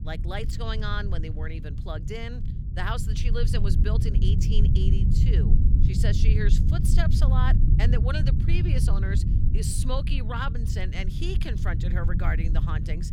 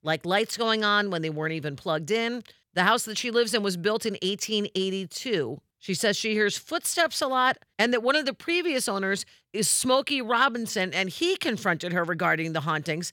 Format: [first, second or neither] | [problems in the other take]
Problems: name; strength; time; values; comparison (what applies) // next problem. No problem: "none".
second | low rumble; loud; throughout; 5 dB below the speech